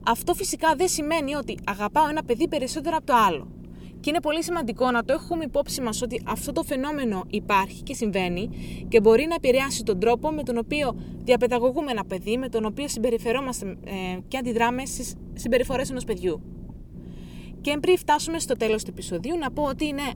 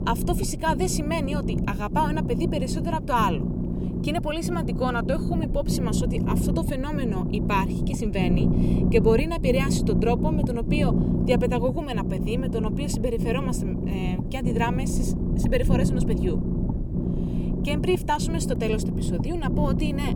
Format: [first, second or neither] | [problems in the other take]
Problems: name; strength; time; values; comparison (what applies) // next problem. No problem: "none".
first | low rumble; loud; throughout; 5 dB below the speech; faint in the first